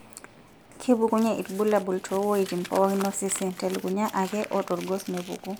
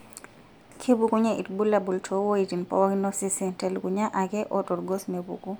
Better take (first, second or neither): second